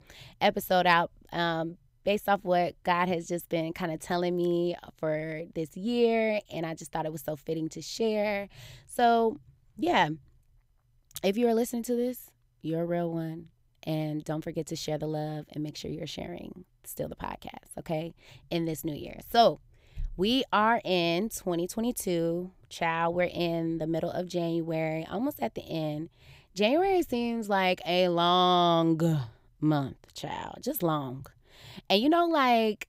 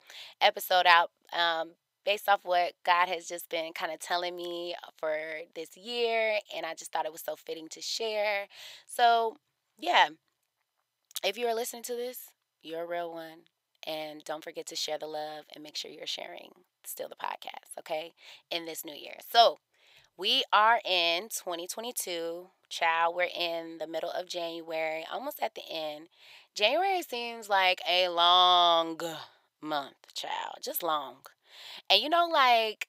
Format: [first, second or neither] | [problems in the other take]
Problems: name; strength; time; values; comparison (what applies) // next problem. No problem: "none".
first | thin; very; fading below 750 Hz